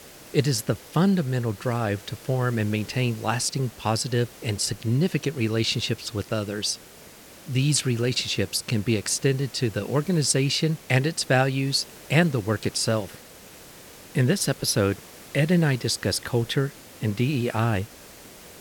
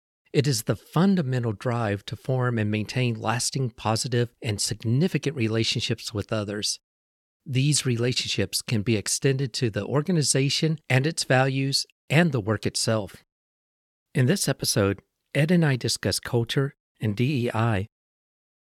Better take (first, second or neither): second